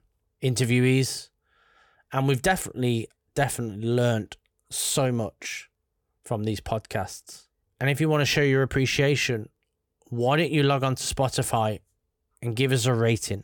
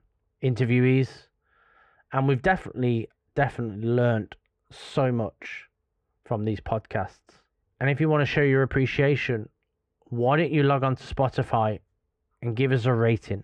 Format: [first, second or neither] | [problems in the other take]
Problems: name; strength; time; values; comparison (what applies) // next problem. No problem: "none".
first | muffled; very; fading above 2 kHz